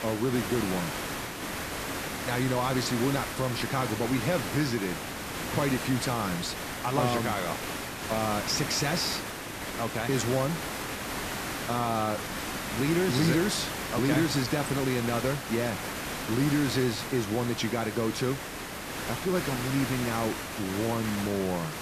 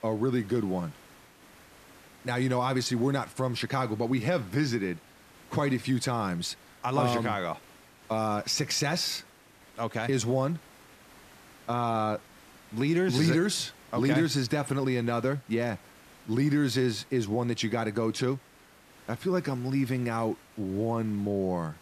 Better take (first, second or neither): second